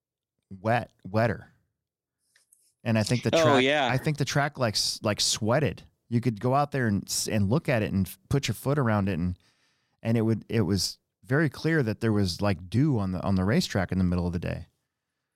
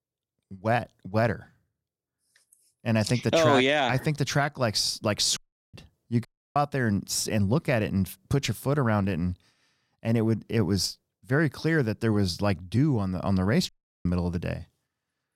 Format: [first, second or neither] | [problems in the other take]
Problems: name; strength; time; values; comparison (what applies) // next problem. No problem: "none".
first | audio cutting out; at 5.5 s, at 6.5 s and at 14 s